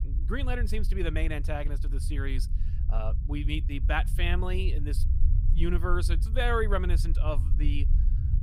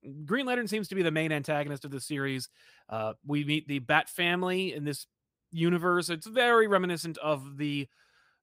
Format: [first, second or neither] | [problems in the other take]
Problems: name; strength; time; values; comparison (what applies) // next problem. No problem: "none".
second | low rumble; noticeable; throughout; 15 dB below the speech